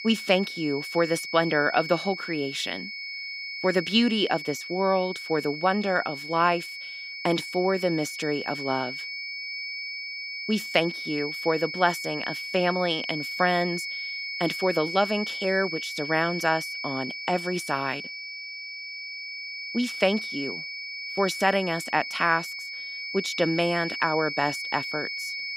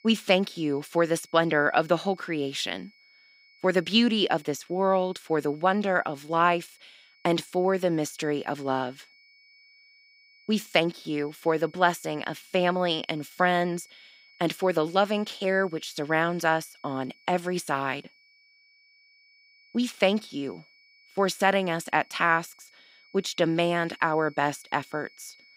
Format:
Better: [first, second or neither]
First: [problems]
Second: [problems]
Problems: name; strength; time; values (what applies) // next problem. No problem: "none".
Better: second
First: high-pitched whine; loud; throughout; 2 kHz, 6 dB below the speech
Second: high-pitched whine; faint; throughout; 2 kHz, 30 dB below the speech